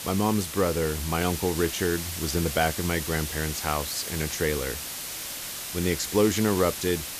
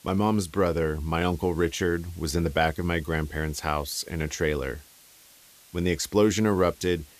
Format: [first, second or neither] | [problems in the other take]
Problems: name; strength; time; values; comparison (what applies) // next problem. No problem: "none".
second | hiss; loud; throughout; 5 dB below the speech; faint in the second